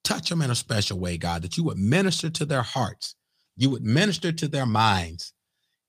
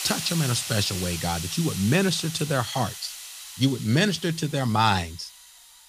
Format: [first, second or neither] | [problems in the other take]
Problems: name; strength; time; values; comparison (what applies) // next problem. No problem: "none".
first | hiss; loud; throughout; 9 dB below the speech